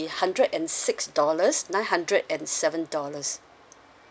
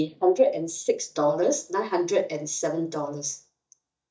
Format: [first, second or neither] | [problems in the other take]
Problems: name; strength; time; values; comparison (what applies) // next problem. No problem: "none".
first | noise reduction (neural mask model DeepFilterNet 3)